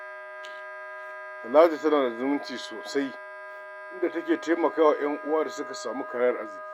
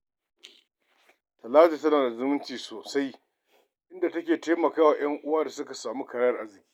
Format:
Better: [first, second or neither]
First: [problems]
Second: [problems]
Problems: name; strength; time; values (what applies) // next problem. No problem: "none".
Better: second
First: background sound (Wind instrument, woodwind instrument); 12 dB below the speech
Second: none